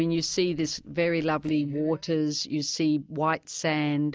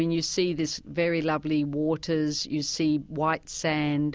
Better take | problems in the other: second | noise reduction (neural mask model DeepFilterNet 3)

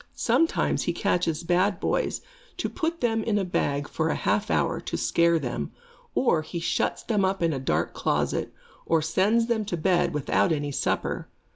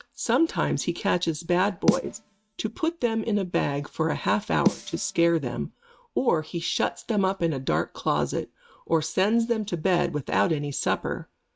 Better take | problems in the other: first | noise reduction (neural mask model RNNoise)

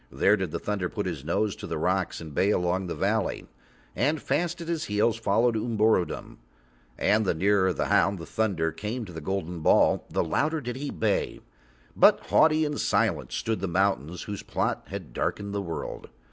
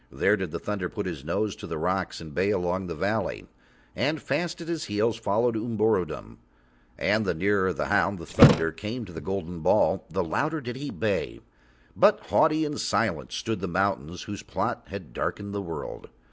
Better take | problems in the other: first | background sound (Thump, thud); 3 dB above the speech

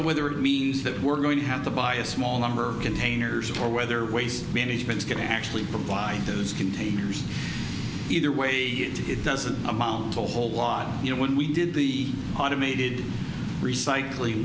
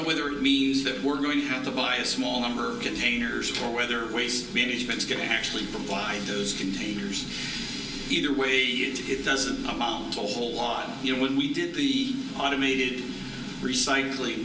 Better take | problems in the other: first | room echo; dies away in 0.3 s

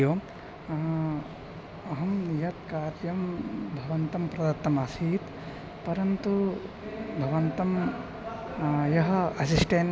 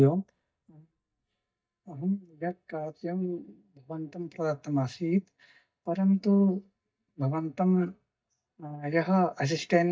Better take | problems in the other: first | noise reduction (neural mask model DeepFilterNet 3)

